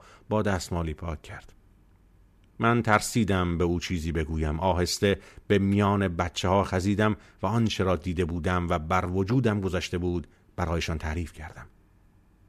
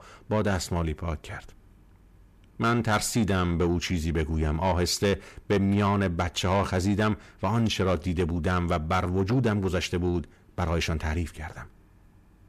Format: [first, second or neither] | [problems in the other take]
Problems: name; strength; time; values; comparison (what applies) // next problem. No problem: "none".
first | distortion; slight; 10 dB below the speech